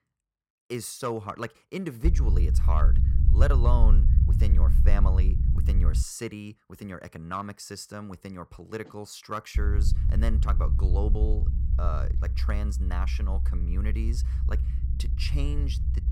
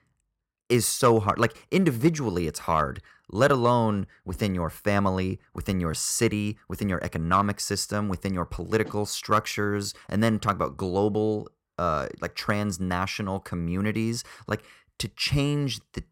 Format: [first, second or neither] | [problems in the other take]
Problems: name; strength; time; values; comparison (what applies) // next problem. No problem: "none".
second | low rumble; loud; from 2 to 6 s and from 9.5 s on; 7 dB below the speech